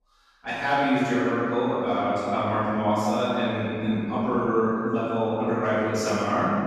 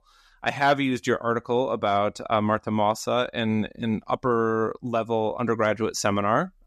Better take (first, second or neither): second